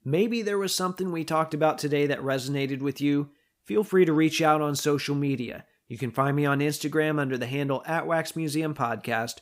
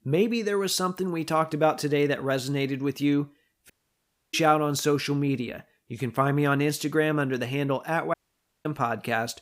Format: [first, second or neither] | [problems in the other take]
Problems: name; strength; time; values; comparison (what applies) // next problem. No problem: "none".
first | audio cutting out; at 3.5 s for 0.5 s and at 8 s for 0.5 s